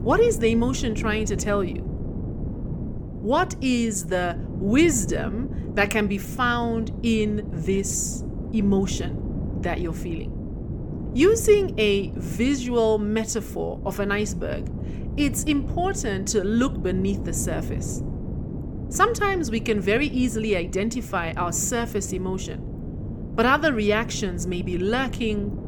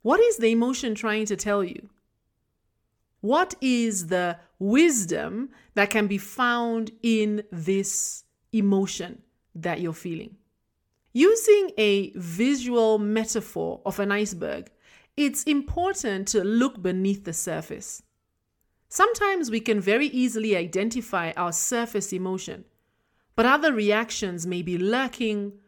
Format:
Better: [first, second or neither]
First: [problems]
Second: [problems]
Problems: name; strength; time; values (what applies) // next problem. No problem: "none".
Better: second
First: wind noise on the microphone; occasional gusts; 15 dB below the speech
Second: none